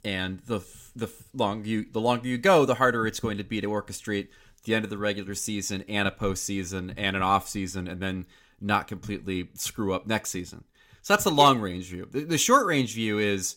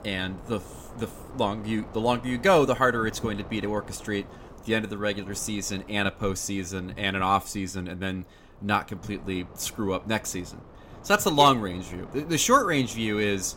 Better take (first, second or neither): first